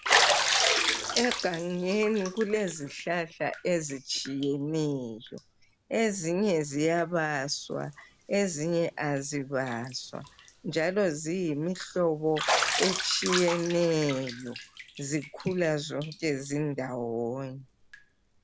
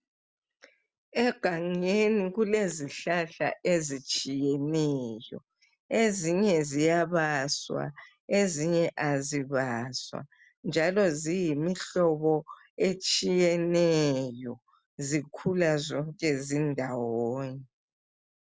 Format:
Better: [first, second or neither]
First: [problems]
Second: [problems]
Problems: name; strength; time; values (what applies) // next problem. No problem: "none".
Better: second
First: background sound (Bathtub (filling or washing)); 4 dB below the speech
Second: none